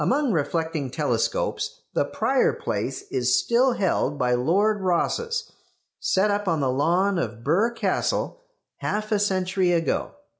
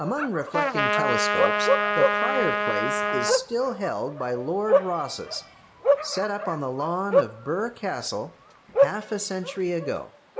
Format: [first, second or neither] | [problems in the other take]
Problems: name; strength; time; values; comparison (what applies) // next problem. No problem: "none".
first | background sound (Bark + Trumpet); 3 dB above the speech